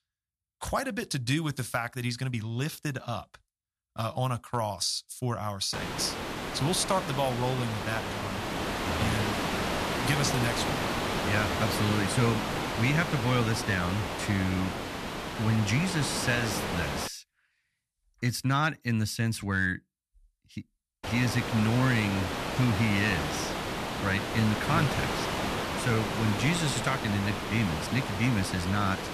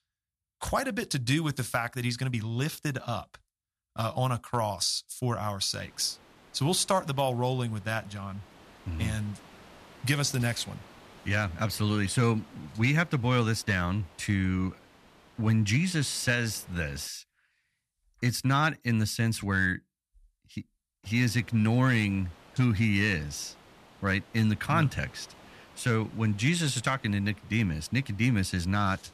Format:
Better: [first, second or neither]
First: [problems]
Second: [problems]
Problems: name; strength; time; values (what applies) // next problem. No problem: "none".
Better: second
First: hiss; loud; from 5.5 to 17 s and from 21 s on; 2 dB below the speech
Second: hiss; faint; from 5.5 to 17 s and from 21 s on; 25 dB below the speech